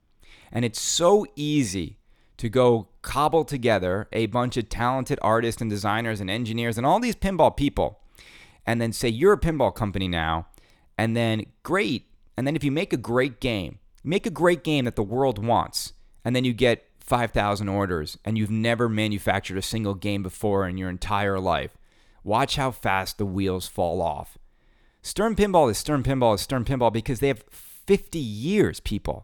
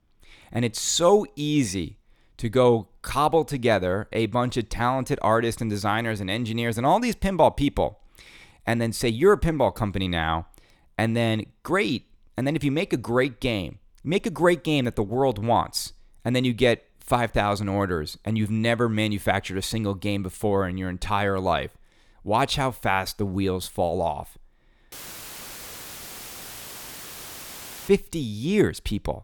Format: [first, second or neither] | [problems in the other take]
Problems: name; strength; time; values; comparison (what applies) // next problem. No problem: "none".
first | audio cutting out; filled with static; at 25 s for 3 s